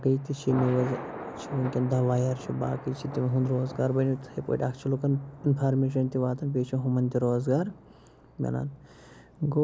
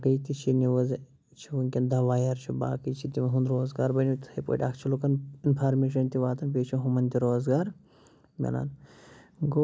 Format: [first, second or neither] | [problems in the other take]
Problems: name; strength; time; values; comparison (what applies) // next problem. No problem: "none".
second | background sound (Thunder); 15 dB below the speech